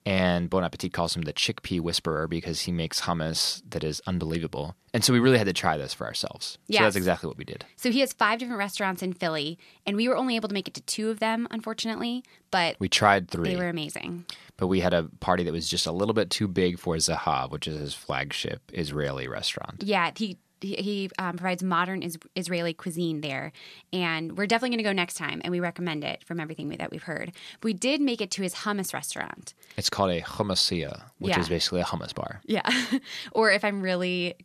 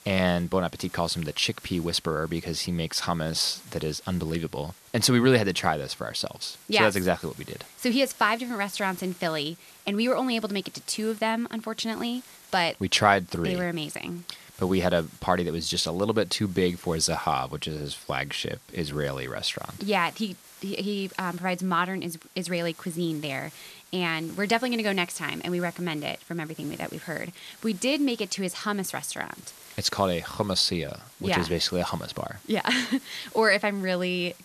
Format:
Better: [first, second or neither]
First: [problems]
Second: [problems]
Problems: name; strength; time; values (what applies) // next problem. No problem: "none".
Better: first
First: none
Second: hiss; faint; throughout; 20 dB below the speech